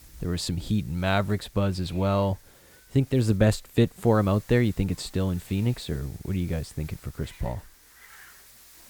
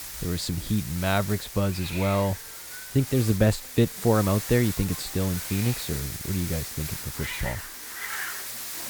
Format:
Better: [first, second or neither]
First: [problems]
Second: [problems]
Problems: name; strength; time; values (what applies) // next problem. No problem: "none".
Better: first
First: hiss; faint; throughout; 25 dB below the speech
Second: hiss; loud; throughout; 7 dB below the speech